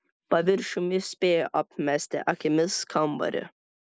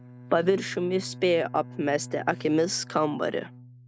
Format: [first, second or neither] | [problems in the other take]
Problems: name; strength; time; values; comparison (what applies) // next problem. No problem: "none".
first | background sound (Bowed string instrument); 17 dB below the speech